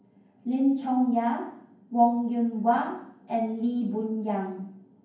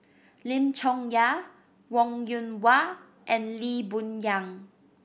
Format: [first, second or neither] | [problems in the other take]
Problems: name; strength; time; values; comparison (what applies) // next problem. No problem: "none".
second | room echo; dies away in 0.9 s